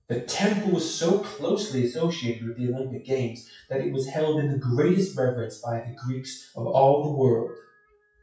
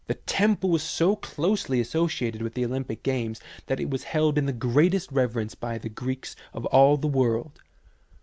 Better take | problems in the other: second | noise reduction (classical method WPE with log-MMSE)

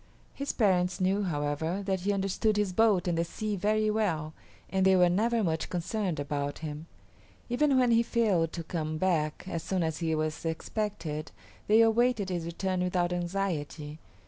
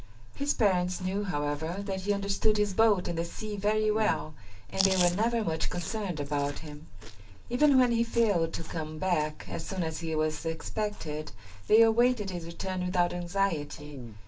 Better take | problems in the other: first | background sound (Chewing, mastication); 17 dB below the speech // room echo; dies away in 0.2 s

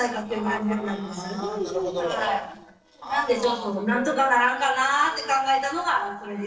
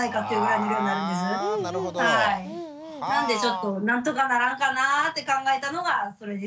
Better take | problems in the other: second | noise reduction (neural separator model SepFormer DNS4)

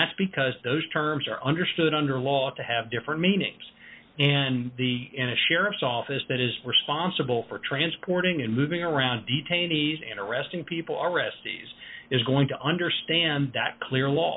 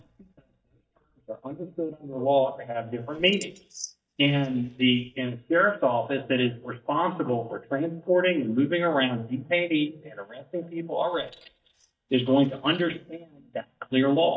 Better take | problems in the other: first | noise reduction (neural mask model DeepFilterNet 3)

